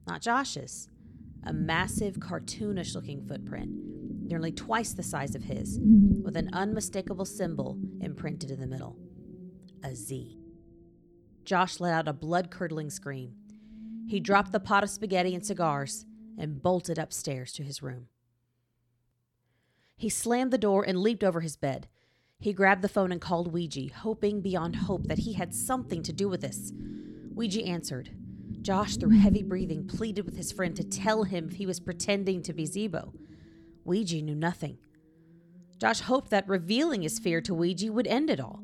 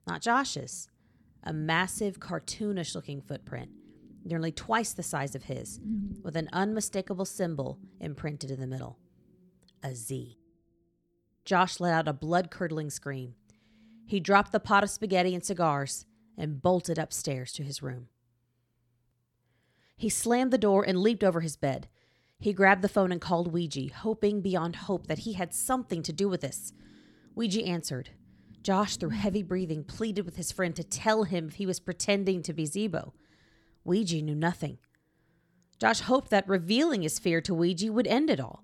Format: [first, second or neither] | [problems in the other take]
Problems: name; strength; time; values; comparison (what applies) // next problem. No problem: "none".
second | low rumble; loud; until 17 s and from 23 s on; 8 dB below the speech; faint in the second